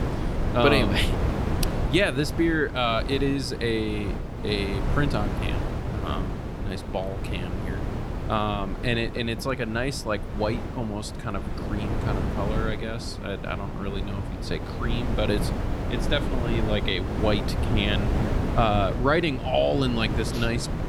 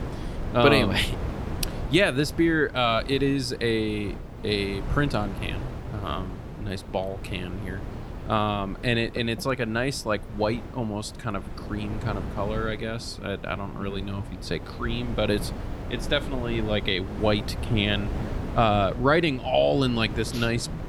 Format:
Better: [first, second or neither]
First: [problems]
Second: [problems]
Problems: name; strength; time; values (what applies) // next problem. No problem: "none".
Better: second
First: wind noise on the microphone; heavy; 8 dB below the speech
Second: wind noise on the microphone; occasional gusts; 15 dB below the speech